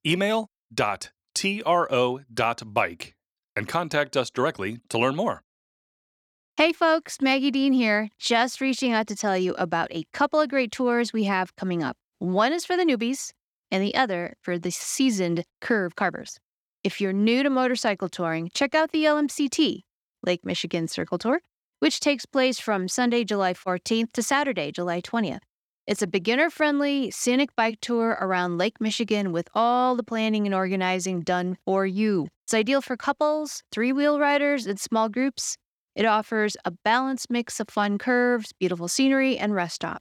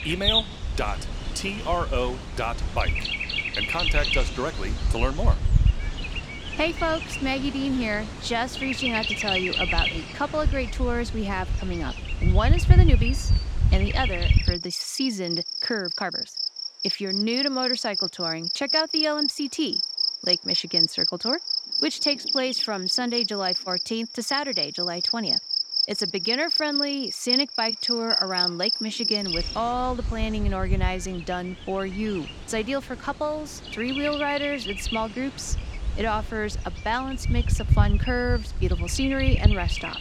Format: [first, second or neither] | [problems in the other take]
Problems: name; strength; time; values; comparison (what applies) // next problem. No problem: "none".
first | animal sounds; very loud; throughout; 4 dB above the speech